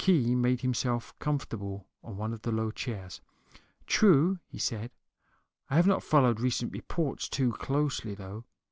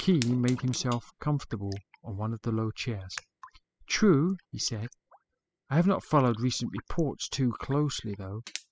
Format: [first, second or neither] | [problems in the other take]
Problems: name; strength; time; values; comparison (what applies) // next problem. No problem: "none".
first | noise reduction (classical method spectral subtraction)